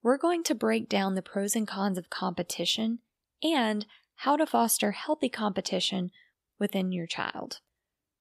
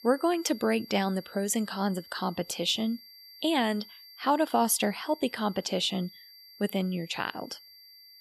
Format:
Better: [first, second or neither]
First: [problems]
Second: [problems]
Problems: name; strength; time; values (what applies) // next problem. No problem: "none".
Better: first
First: none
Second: high-pitched whine; noticeable; throughout; 4.5 kHz, 20 dB below the speech